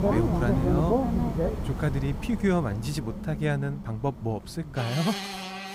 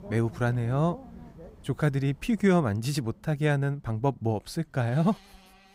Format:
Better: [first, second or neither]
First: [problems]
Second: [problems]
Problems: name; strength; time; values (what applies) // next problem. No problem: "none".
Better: second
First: traffic noise; loud; throughout; as loud as the speech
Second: traffic noise; faint; throughout; 20 dB below the speech